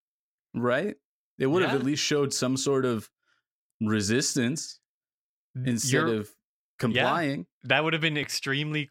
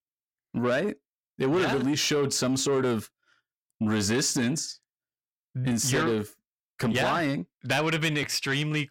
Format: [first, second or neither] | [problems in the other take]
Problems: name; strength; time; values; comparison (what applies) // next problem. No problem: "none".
first | distortion; slight; 10 dB below the speech